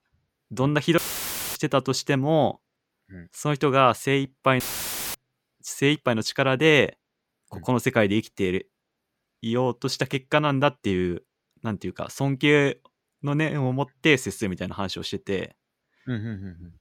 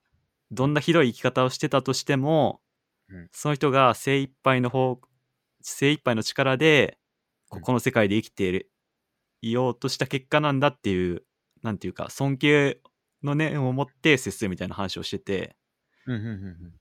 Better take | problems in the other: second | audio cutting out; filled with static; at 1 s for 0.5 s and at 4.5 s for 0.5 s

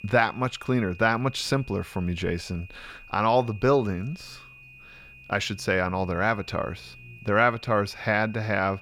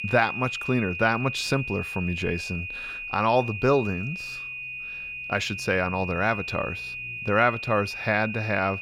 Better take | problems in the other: first | high-pitched whine; loud; throughout; 2.5 kHz, 6 dB below the speech; faint in the first

